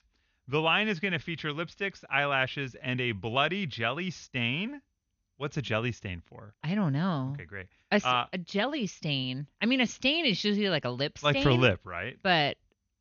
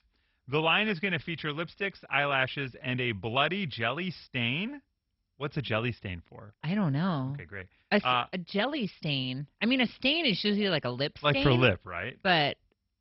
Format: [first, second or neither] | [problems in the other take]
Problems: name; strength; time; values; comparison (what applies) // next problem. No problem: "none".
first | garbled, watery; badly; nothing above 5 kHz; slightly in the first